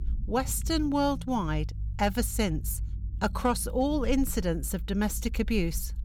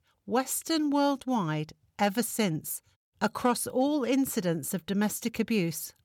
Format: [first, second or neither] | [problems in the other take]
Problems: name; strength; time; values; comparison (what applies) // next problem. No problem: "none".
second | low rumble; faint; throughout; 25 dB below the speech